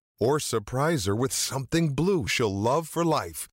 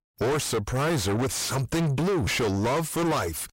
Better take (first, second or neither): first